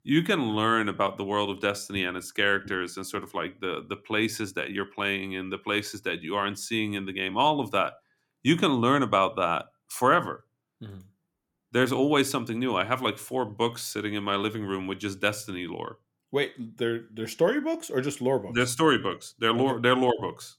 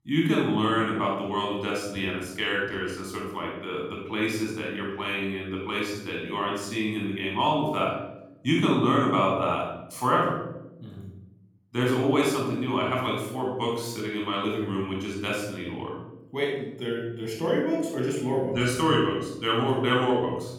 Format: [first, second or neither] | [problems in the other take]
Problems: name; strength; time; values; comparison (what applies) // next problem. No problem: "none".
first | room echo; noticeable; dies away in 1 s // off-mic speech; somewhat distant